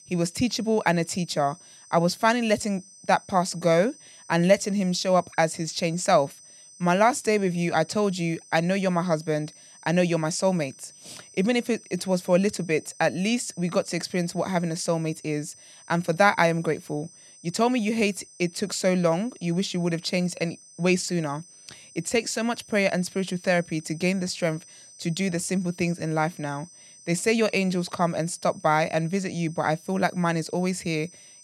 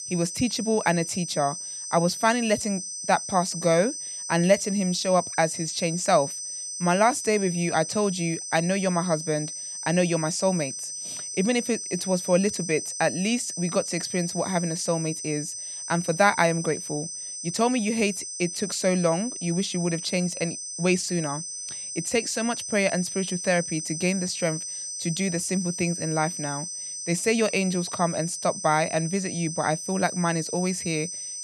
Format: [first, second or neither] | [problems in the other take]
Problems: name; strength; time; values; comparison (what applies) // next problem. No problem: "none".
first | high-pitched whine; loud; throughout; 6 kHz, 6 dB below the speech; faint in the first